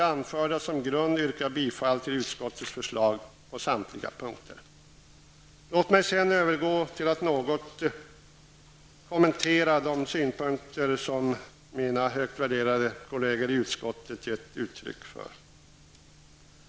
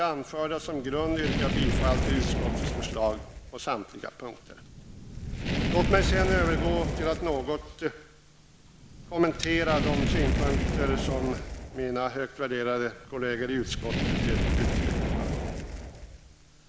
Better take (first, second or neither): first